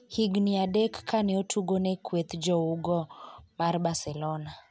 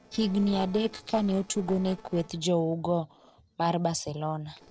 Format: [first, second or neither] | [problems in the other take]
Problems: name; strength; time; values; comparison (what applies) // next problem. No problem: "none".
first | noise reduction (neural separator model SepFormer DNS4)